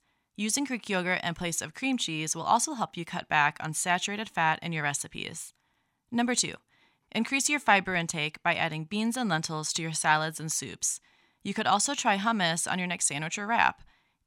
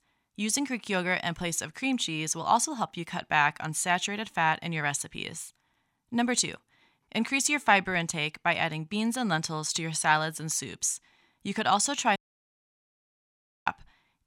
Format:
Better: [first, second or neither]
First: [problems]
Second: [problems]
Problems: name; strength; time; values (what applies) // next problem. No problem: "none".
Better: first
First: none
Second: audio cutting out; at 12 s for 1.5 s